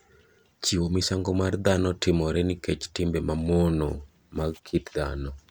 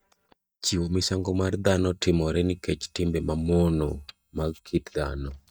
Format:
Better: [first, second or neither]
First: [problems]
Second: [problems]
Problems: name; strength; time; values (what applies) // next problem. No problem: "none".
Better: first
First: none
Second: noise reduction (neural mask model DeepFilterNet 3)